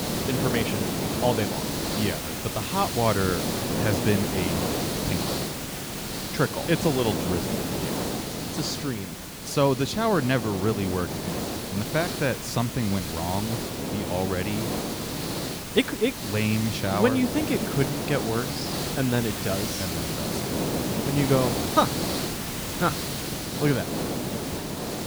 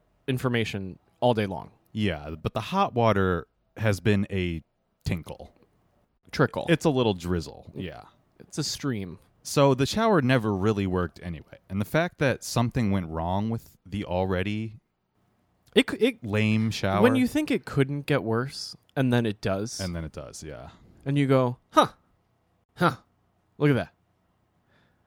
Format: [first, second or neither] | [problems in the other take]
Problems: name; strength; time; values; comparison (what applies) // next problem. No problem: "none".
second | hiss; loud; throughout; 2 dB below the speech